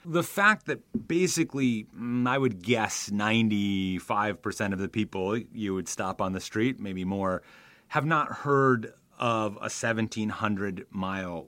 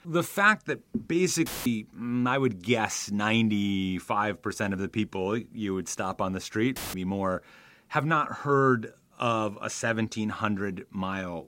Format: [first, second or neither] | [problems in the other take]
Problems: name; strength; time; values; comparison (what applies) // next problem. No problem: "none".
first | audio cutting out; filled with static; at 1.5 s and at 7 s